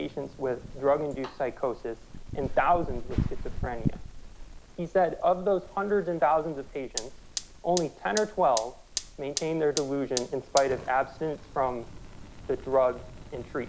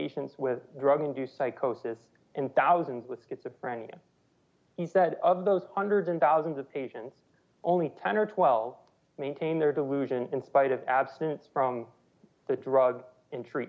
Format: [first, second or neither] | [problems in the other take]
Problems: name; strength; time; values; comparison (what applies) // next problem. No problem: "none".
second | background sound (Fire); 8 dB below the speech